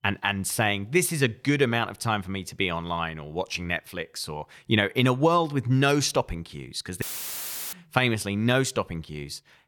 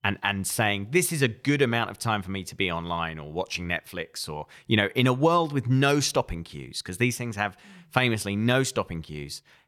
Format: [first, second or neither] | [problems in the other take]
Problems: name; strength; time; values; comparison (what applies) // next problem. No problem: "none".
second | audio cutting out; filled with static; at 7 s for 0.5 s